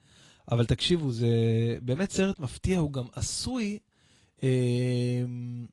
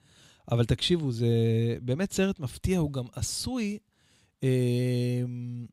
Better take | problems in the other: second | garbled, watery; slightly; nothing above 10.5 kHz

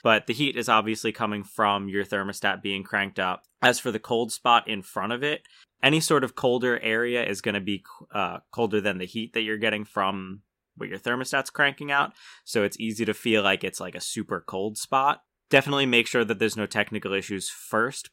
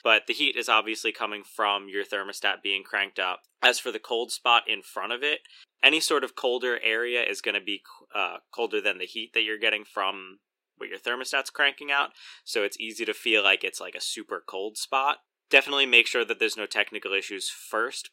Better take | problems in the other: first | thin; somewhat; fading below 350 Hz

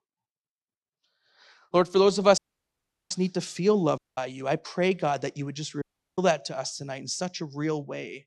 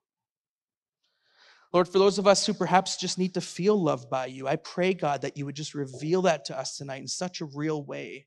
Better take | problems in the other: second | audio cutting out; at 2.5 s for 0.5 s, at 4 s and at 6 s

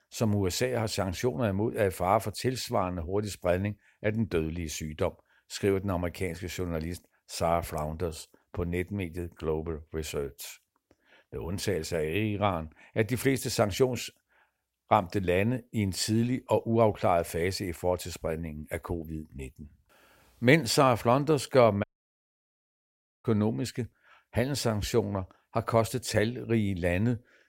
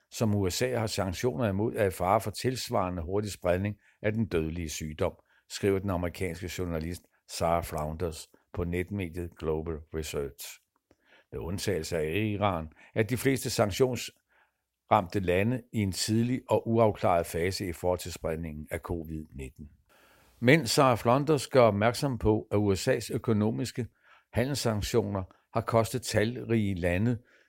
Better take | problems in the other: second | audio cutting out; at 22 s for 1.5 s

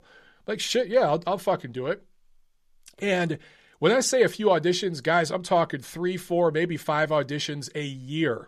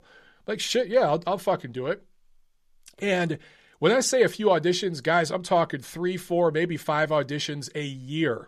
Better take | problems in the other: neither | none

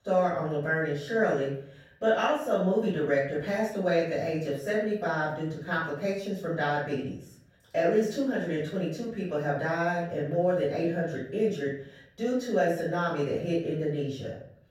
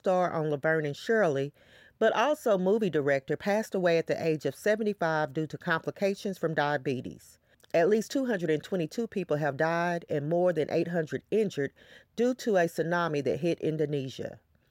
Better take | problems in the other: second | off-mic speech; far // room echo; noticeable; dies away in 0.5 s

